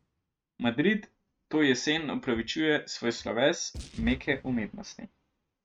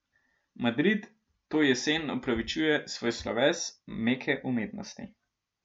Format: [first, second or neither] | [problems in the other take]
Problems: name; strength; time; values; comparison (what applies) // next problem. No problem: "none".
second | noise reduction (neural mask model RNNoise)